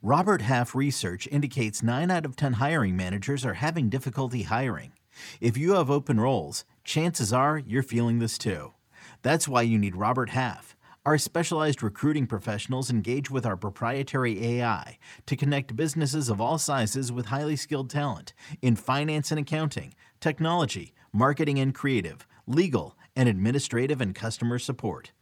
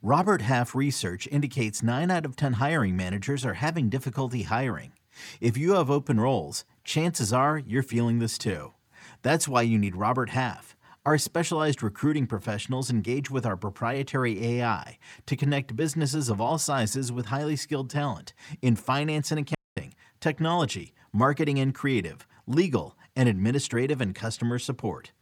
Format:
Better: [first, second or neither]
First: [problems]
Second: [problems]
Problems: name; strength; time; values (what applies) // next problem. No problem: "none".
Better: first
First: none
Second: audio cutting out; at 20 s